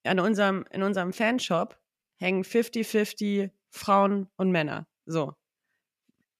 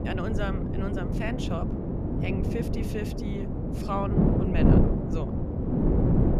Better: first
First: none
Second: wind noise on the microphone; heavy; 3 dB above the speech

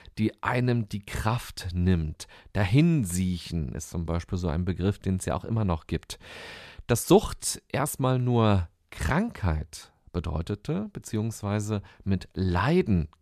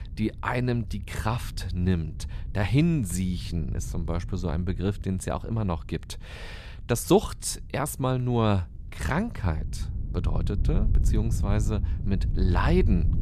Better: first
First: none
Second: wind noise on the microphone; occasional gusts; 15 dB below the speech

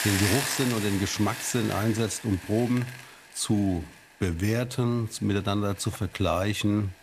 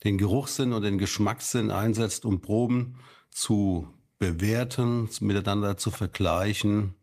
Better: second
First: hiss; loud; throughout; 5 dB below the speech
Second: none

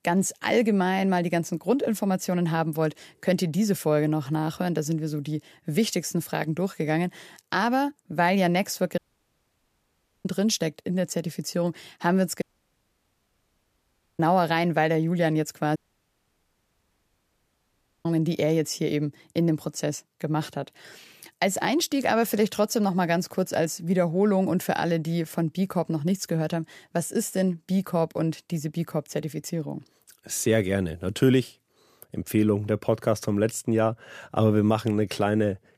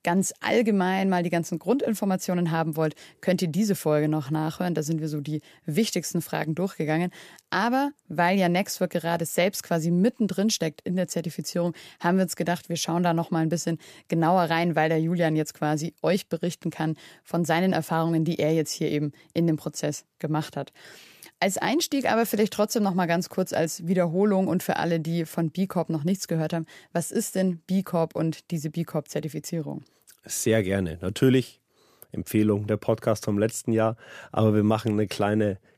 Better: second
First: audio cutting out; at 9 s for 1.5 s, at 12 s for 2 s and at 16 s for 2.5 s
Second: none

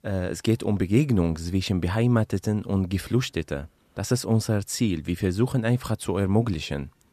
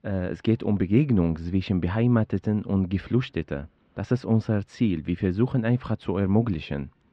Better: first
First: none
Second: muffled; slightly; fading above 3 kHz

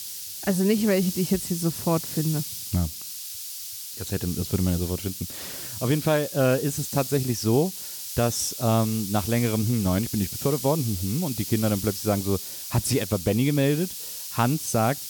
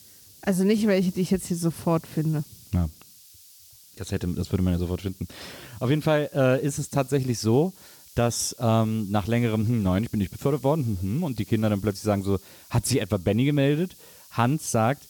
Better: second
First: hiss; loud; throughout; 7 dB below the speech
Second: hiss; faint; throughout; 20 dB below the speech

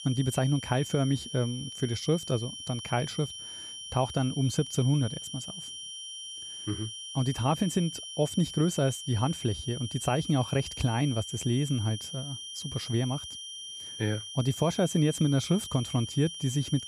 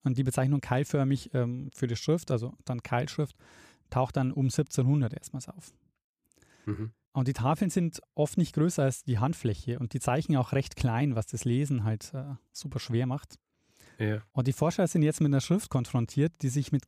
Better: second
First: high-pitched whine; loud; throughout; 3 kHz, 9 dB below the speech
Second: none

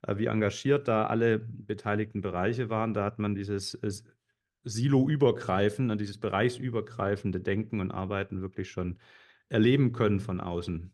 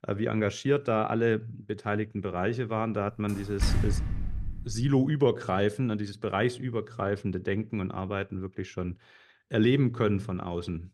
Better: first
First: none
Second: door banging; loud; from 3.5 to 5 s; peak 1 dB above the speech

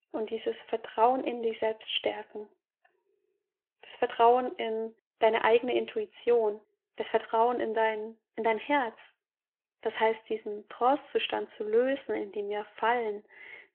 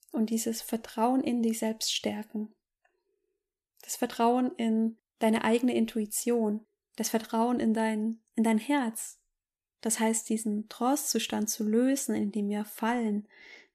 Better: second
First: phone-call audio; nothing above 3 kHz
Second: none

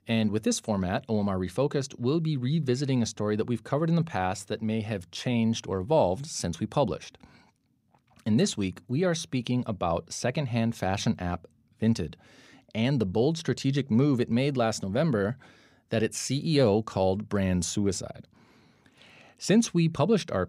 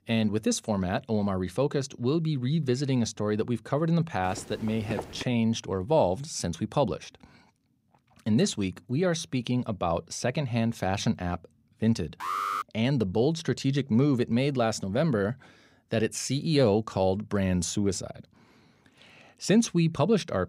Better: first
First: none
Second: footsteps; noticeable; at 4 s; peak 9 dB below the speech // alarm; noticeable; at 12 s; peak 2 dB below the speech

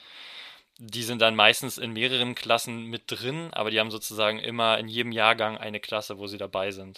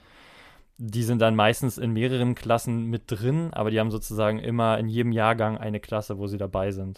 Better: second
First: thin; somewhat; fading below 650 Hz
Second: none

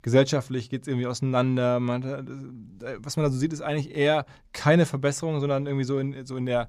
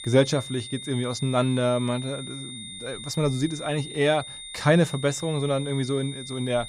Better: first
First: none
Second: high-pitched whine; noticeable; throughout; 3.5 kHz, 10 dB below the speech

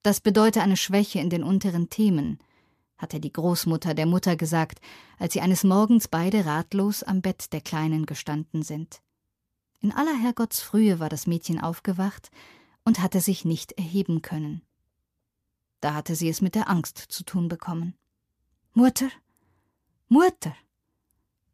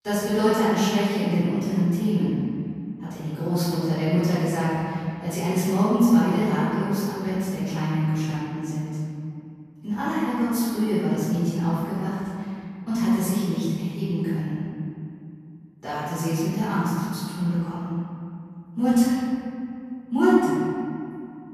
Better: first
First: none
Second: room echo; strong; dies away in 2.4 s // off-mic speech; far

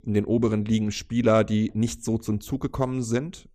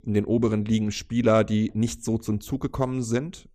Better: neither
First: none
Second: none

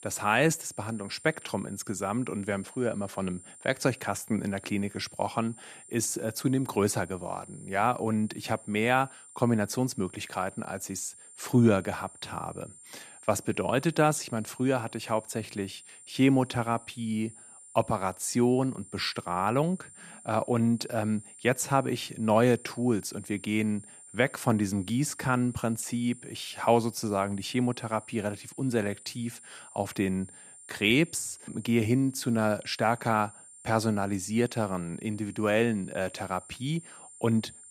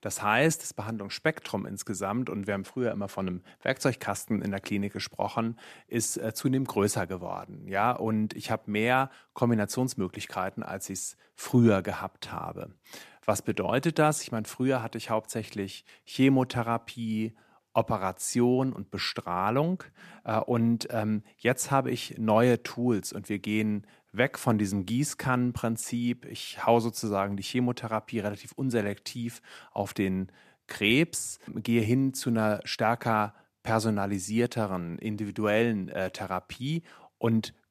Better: second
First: high-pitched whine; noticeable; throughout; 9 kHz, 20 dB below the speech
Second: none

